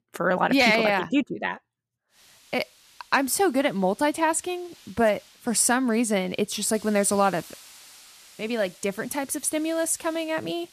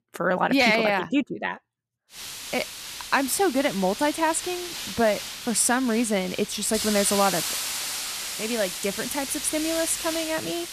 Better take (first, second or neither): first